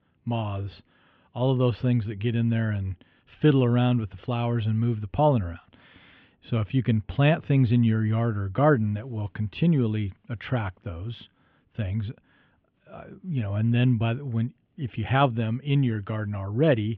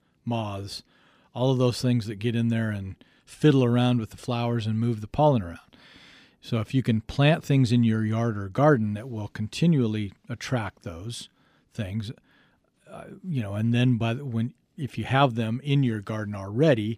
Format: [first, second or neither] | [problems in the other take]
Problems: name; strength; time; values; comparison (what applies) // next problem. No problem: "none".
second | muffled; very; fading above 3 kHz